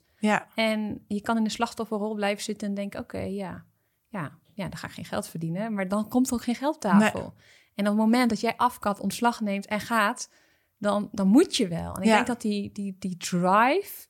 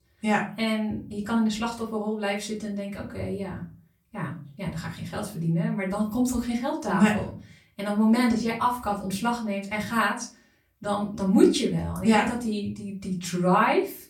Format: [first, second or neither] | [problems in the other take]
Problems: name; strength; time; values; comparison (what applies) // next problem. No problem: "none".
first | off-mic speech; far // room echo; slight; dies away in 0.4 s